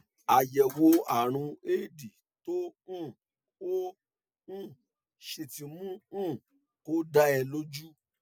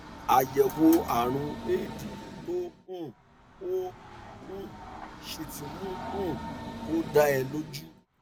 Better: first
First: none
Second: background sound (Train); 11 dB below the speech

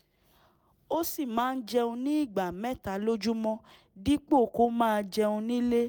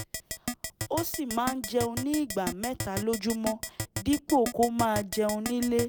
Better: first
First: none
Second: background sound (Keyboard (musical)); 7 dB below the speech

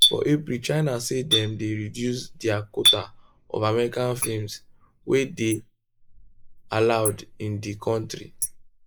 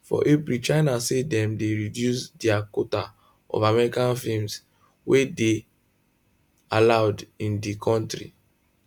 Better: second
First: noise reduction (neural mask model Resemble Enhance denoiser)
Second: none

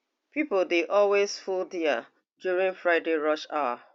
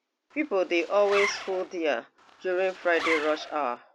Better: first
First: none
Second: background sound (Zipper (clothing)); 8 dB below the speech

